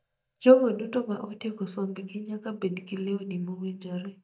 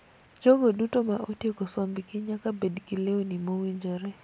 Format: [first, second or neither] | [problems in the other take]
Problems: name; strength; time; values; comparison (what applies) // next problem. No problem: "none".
second | noise reduction (neural mask model DeepFilterNet 3)